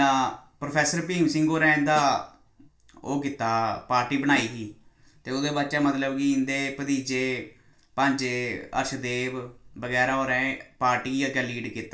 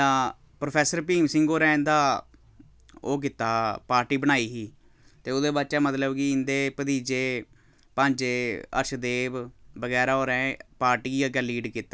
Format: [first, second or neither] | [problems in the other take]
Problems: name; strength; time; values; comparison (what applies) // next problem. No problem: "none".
second | noise reduction (neural separator model SepFormer DNS4)